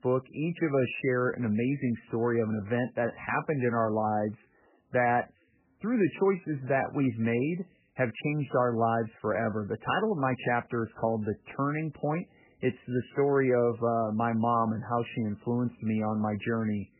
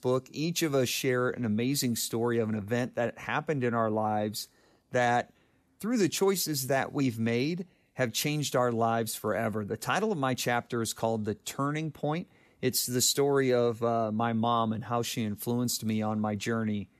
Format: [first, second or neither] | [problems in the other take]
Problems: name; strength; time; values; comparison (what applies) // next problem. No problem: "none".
second | garbled, watery; badly; nothing above 3 kHz